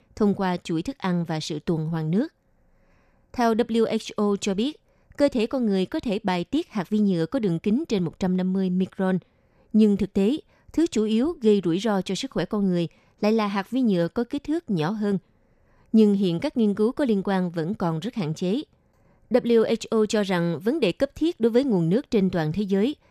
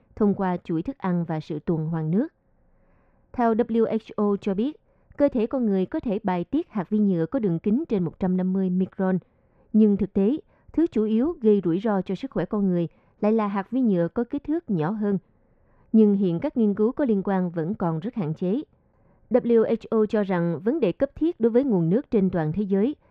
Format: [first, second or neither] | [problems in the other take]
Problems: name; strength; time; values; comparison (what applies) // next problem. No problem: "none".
first | muffled; very; fading above 3.5 kHz